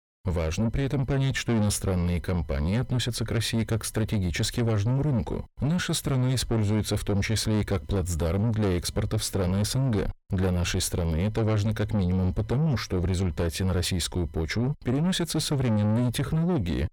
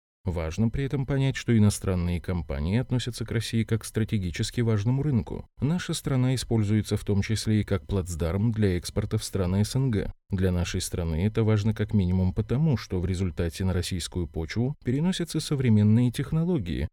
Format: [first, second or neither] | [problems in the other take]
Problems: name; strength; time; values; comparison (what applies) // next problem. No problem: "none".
second | distortion; heavy; 7 dB below the speech